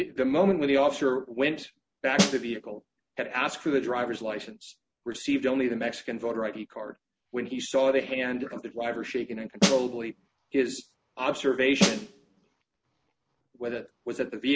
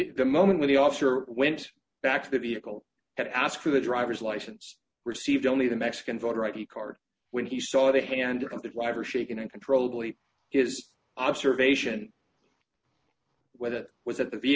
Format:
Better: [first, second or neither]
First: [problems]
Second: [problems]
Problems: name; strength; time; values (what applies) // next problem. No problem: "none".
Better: second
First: background sound (Snare drum); 1 dB above the speech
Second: none